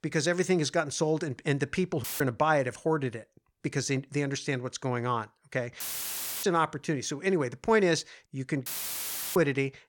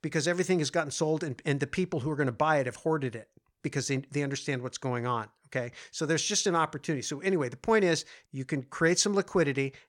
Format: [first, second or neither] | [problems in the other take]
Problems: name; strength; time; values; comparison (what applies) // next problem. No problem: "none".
second | audio cutting out; filled with static; at 2 s, at 6 s for 0.5 s and at 8.5 s for 0.5 s